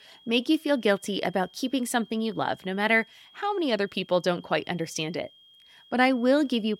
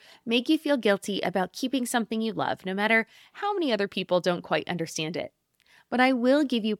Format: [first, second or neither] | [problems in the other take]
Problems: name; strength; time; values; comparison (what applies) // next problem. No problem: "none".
second | high-pitched whine; faint; throughout; 3 kHz, 25 dB below the speech